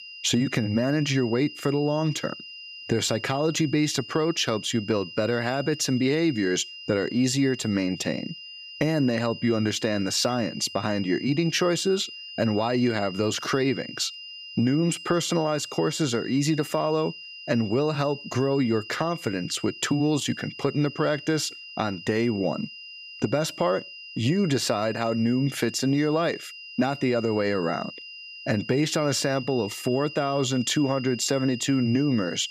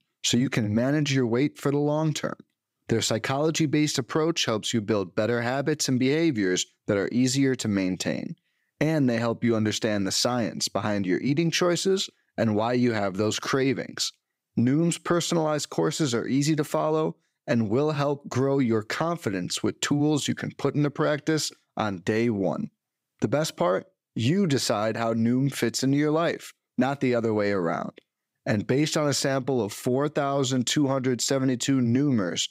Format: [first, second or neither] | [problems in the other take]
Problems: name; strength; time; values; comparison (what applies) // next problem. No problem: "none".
second | high-pitched whine; noticeable; throughout; 3 kHz, 15 dB below the speech